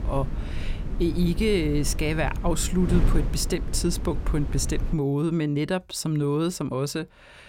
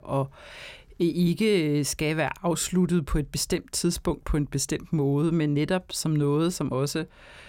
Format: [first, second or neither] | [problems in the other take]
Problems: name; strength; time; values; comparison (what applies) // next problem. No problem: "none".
second | wind noise on the microphone; occasional gusts; until 5 s; 10 dB below the speech